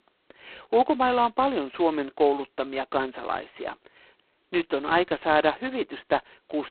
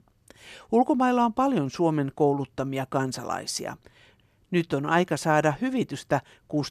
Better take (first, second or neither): second